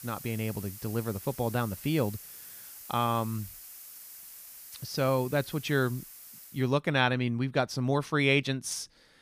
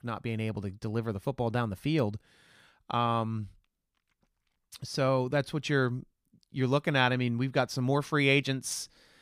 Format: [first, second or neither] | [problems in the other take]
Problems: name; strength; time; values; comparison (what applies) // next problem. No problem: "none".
second | hiss; noticeable; until 6.5 s; 15 dB below the speech